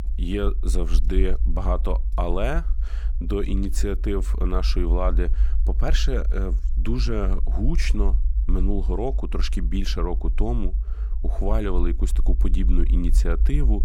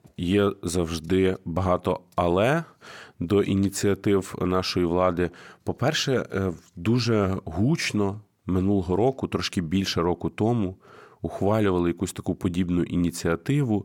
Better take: second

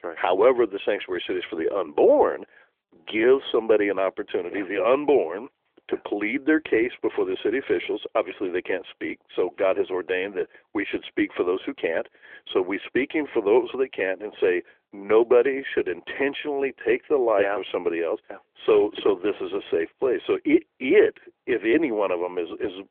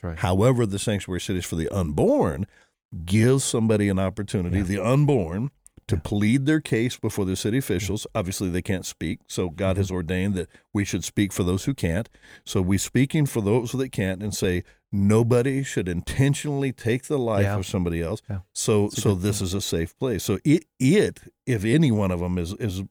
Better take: second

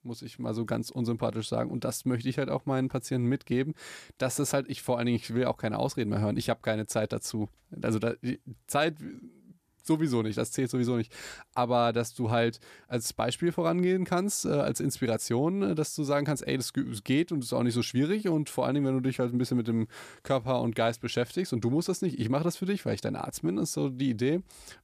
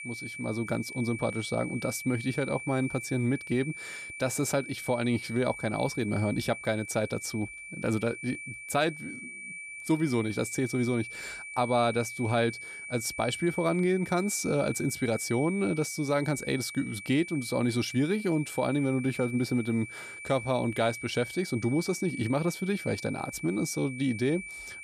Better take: first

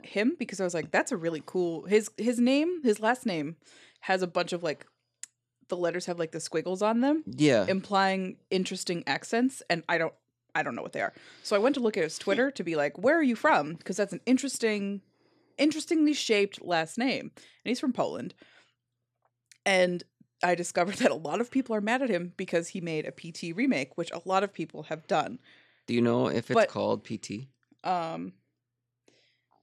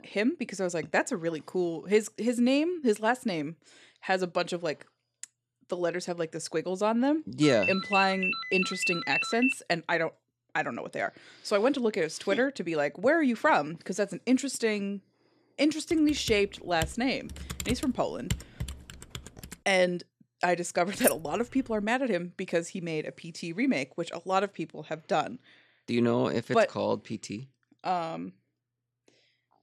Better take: first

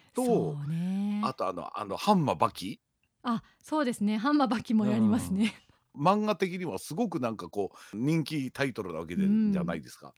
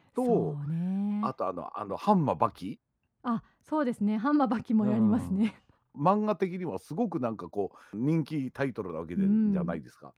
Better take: first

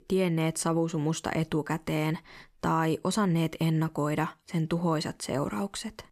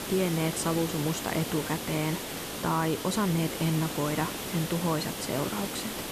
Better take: first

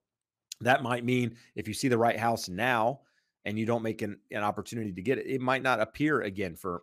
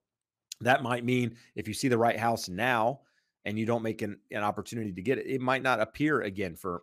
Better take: neither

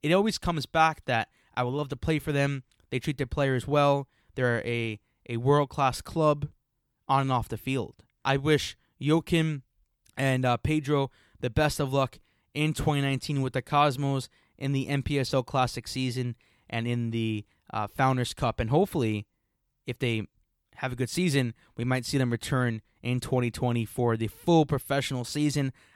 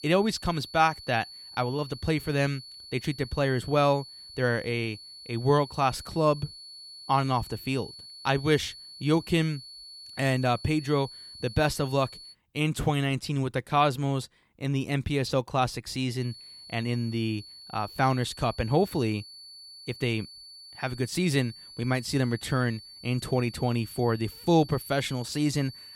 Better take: first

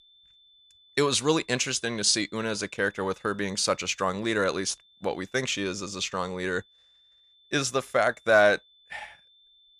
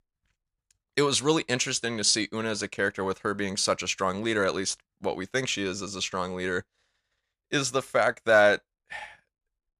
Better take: second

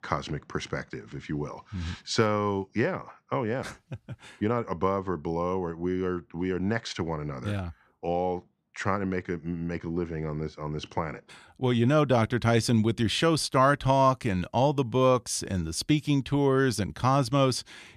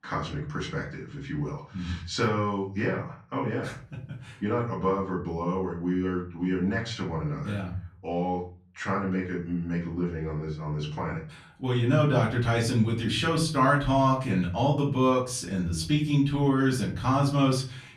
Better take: first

